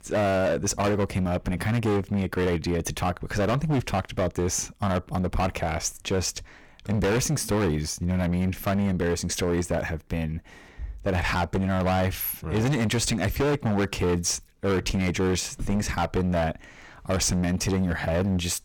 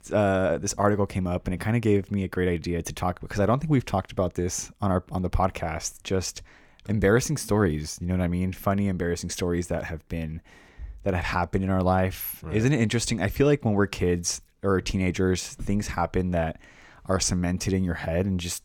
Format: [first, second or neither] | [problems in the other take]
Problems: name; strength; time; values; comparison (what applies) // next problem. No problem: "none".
second | distortion; heavy; 17% of the sound clipped